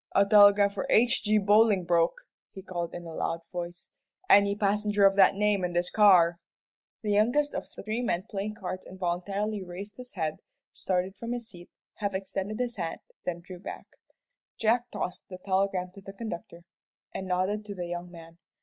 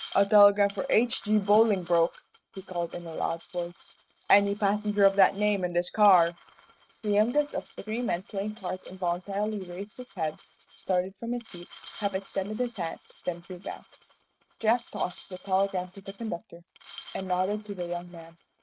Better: first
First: none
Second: noise reduction (neural mask model RNNoise)

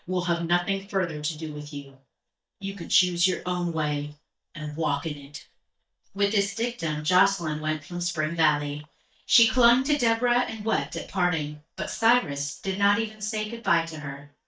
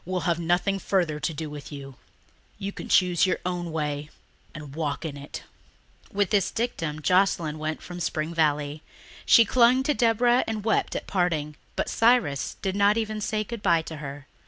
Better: second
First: noise reduction (neural mask model DeepFilterNet 3)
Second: none

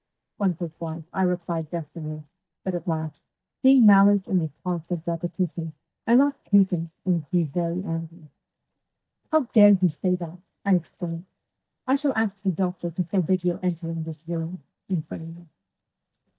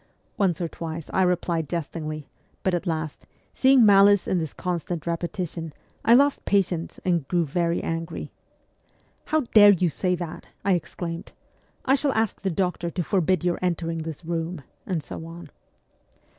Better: second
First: noise reduction (neural mask model DeepFilterNet 3)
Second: none

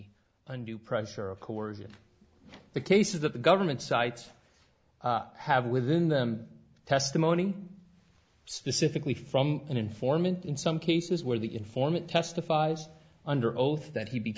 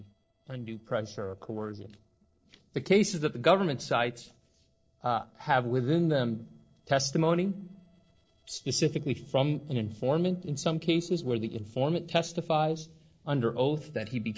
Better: first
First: none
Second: noise reduction (neural separator model SepFormer DNS4)

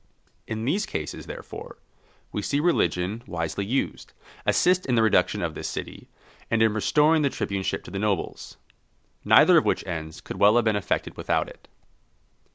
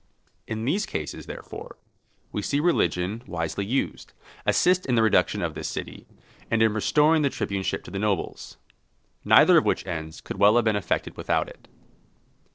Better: first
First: none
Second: noise reduction (neural separator model SepFormer DNS4)

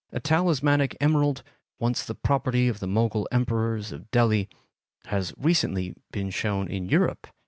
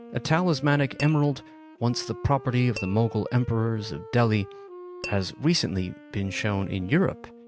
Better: first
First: none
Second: background sound (Wind instrument, woodwind instrument + Tap / Glass); 16 dB below the speech

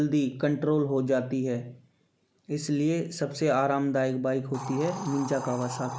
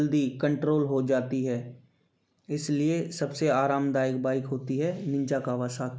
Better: second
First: background sound (Hiss); 16 dB below the speech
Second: none

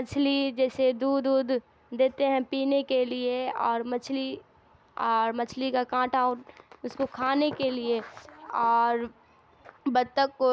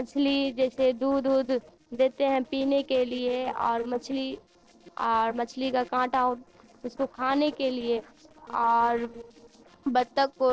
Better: first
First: none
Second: noise reduction (neural separator model SepFormer DNS4)

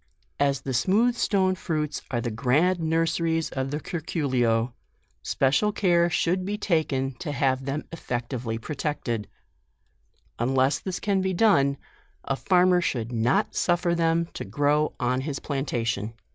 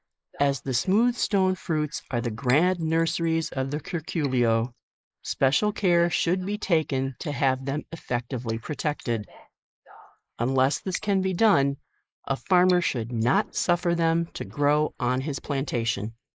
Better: first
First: none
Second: noise reduction (neural mask model Resemble Enhance denoiser)

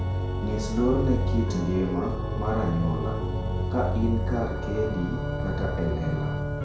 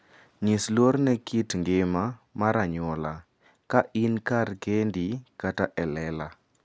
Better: second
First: background sound (Organ); 2 dB above the speech // room echo; dies away in 0.6 s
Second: none

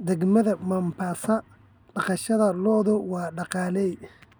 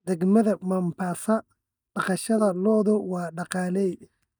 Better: first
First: none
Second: noise reduction (neural mask model DeepFilterNet 3)

